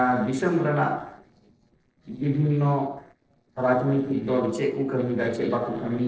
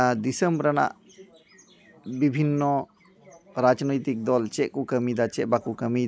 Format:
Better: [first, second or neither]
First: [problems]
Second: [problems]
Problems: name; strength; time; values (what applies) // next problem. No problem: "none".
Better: second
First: noise reduction (neural separator model SepFormer DNS4)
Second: none